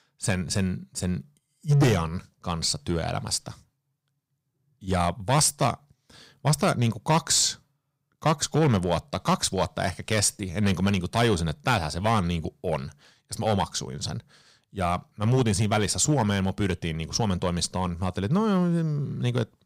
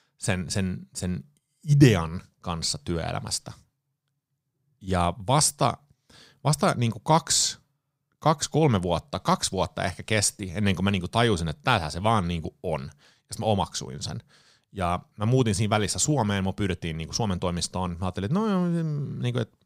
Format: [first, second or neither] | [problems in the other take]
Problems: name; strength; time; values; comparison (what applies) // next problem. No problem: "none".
second | distortion; slight; 3% of the sound clipped